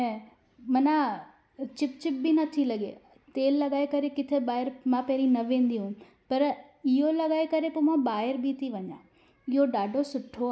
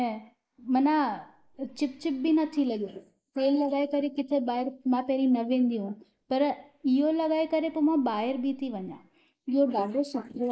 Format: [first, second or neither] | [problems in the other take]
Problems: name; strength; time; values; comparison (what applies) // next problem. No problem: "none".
first | noise reduction (neural mask model Resemble Enhance denoiser)